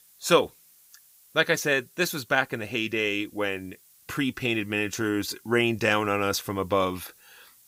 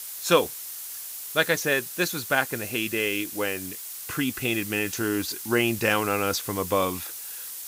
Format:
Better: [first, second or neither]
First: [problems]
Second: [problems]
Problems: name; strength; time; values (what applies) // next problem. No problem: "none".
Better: first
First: hiss; faint; throughout; 30 dB below the speech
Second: hiss; loud; throughout; 8 dB below the speech